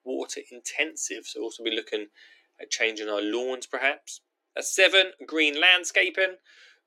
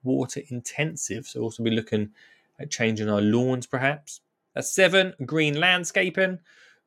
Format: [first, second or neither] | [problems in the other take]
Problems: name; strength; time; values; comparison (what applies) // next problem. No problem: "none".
second | thin; very; fading below 300 Hz